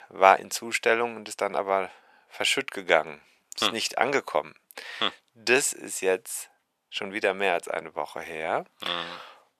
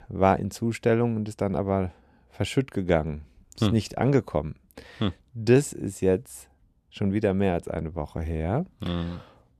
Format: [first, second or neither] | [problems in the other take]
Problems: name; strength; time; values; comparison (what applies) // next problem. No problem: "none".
second | thin; very; fading below 850 Hz